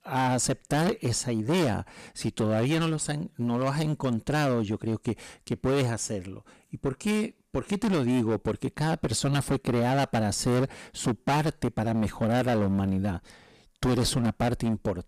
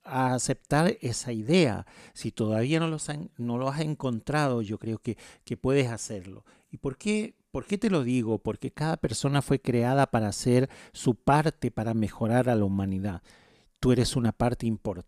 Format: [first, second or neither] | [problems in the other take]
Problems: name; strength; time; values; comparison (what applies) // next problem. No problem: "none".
second | distortion; heavy; 16% of the sound clipped